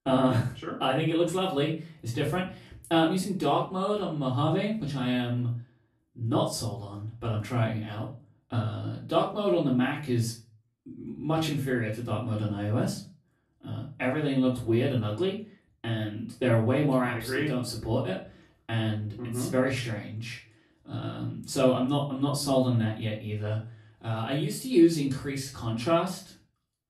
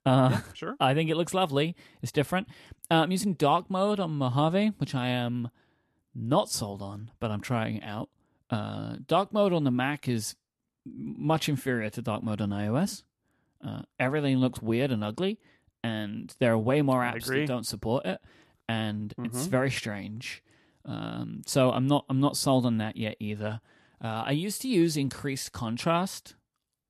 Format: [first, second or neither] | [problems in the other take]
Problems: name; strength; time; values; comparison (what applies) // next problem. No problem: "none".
second | off-mic speech; far // room echo; slight; dies away in 0.3 s